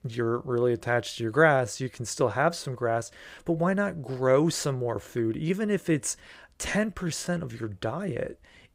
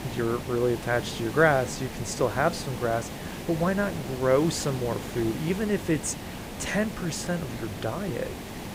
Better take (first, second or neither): first